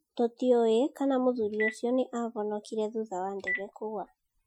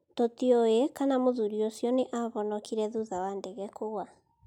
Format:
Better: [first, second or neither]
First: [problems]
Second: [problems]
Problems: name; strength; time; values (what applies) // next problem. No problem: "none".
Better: second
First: noise reduction (classical method Wiener filter)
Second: none